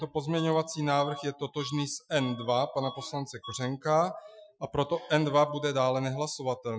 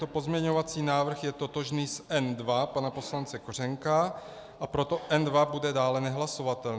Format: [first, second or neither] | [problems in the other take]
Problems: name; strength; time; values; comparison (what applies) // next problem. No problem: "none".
second | noise reduction (classical method Wiener filter)